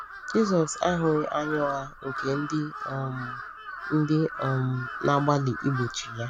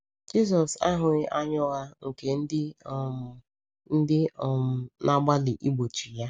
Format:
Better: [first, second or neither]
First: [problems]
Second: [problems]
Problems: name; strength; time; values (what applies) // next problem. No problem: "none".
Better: second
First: background sound (Crow); 9 dB below the speech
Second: none